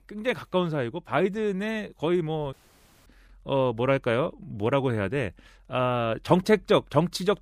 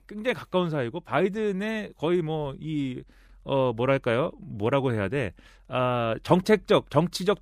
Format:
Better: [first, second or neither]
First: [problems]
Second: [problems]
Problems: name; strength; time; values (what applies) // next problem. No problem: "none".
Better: second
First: audio cutting out; at 2.5 s for 0.5 s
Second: none